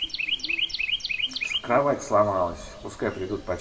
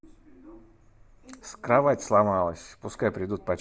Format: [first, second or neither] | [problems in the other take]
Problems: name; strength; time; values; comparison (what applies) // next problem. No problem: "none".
second | background sound (Chirp, tweet); 4 dB below the speech // room echo; dies away in 1.6 s